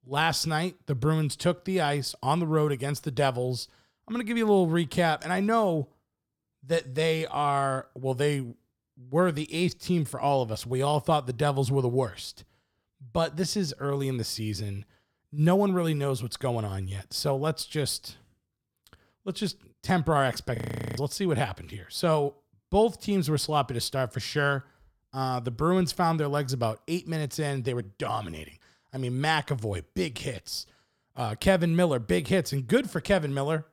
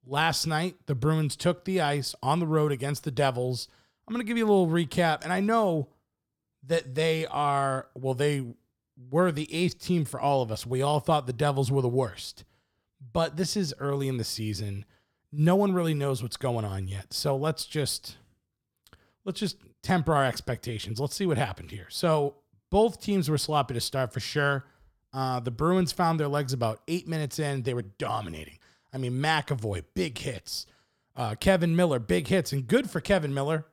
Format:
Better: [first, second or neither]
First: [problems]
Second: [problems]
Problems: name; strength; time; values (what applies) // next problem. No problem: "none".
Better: second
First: audio freezing; at 21 s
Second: none